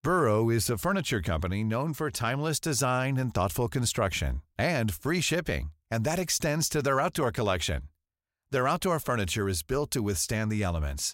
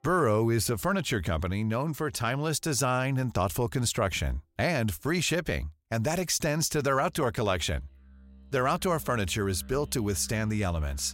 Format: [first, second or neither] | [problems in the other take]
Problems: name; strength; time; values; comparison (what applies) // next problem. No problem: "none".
first | background music; faint; throughout; 20 dB below the speech